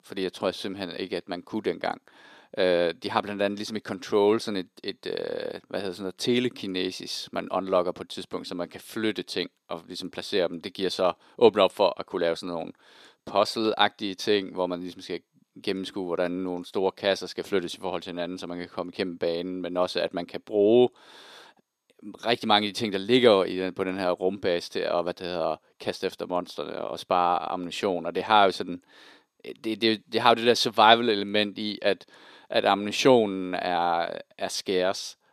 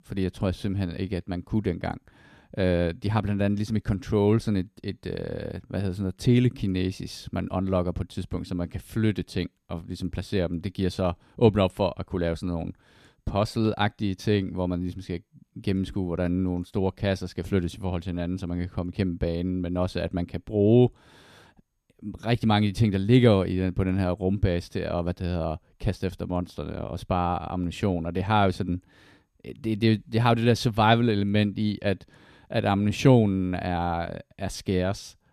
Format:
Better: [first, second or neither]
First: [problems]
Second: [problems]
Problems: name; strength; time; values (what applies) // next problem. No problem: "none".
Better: second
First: thin; somewhat; fading below 400 Hz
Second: none